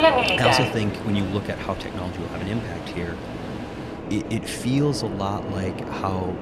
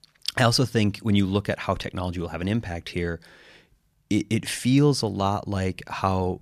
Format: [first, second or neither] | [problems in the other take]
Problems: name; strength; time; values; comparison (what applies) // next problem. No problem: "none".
second | train or aircraft noise; loud; throughout; as loud as the speech